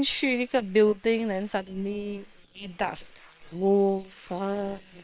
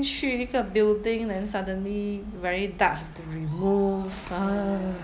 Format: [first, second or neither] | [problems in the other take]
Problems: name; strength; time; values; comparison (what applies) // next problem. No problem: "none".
second | noise reduction (neural separator model SepFormer WHAM!)